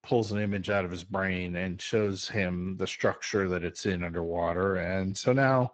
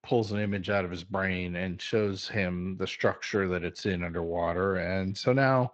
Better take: second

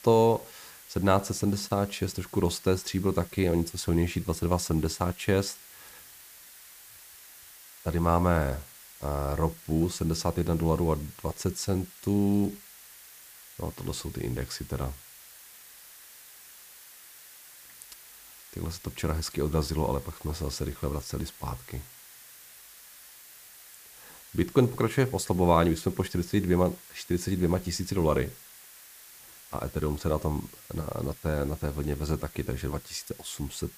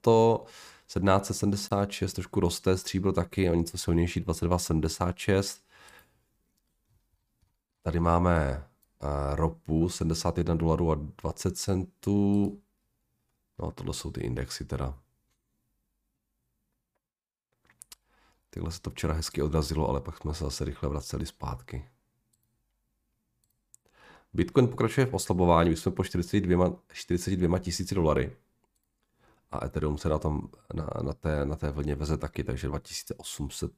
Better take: second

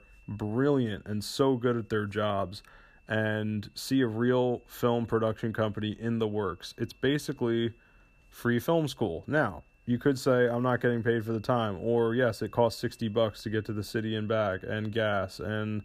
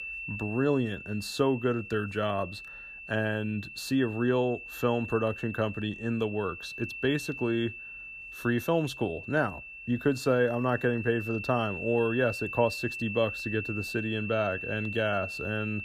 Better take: first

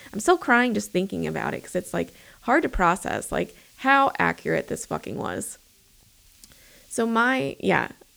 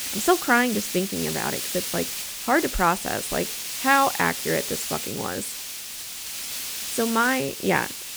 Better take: first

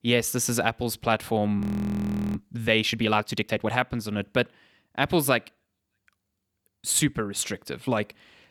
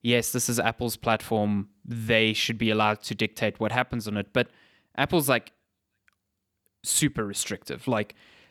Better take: second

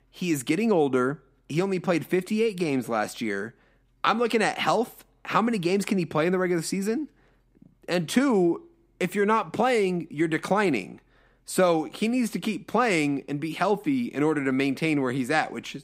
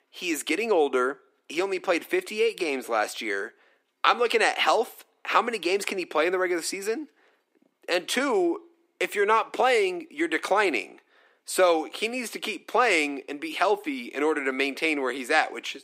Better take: first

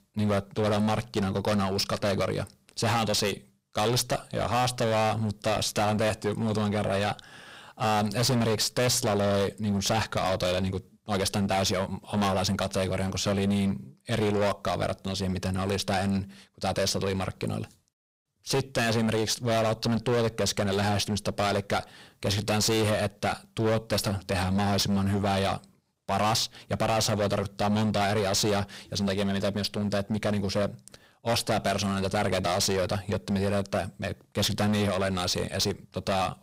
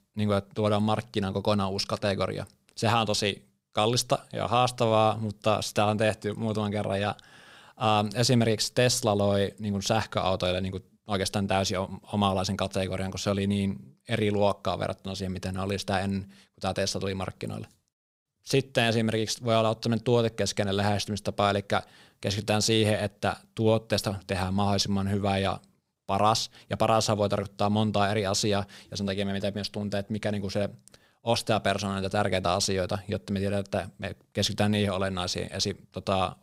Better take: second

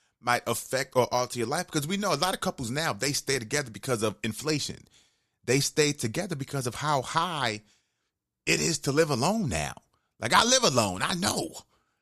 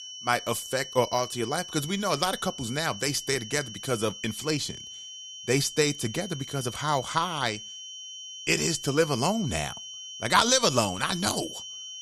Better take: first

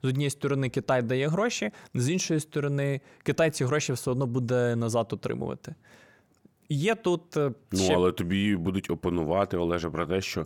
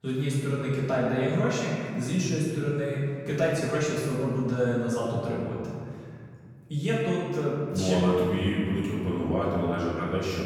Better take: first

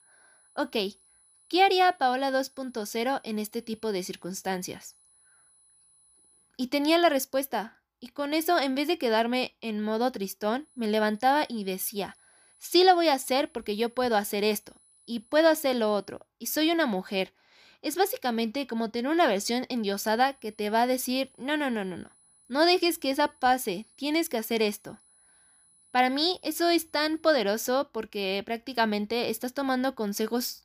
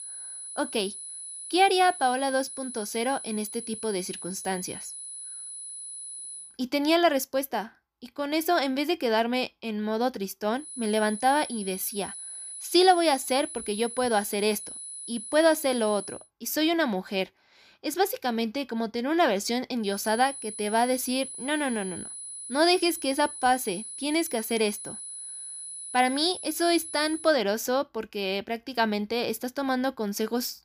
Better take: first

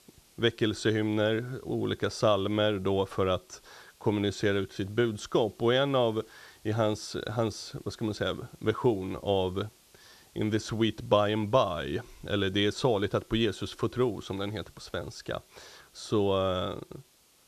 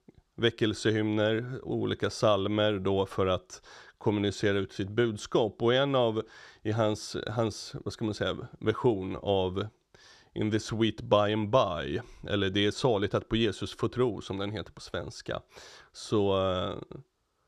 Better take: second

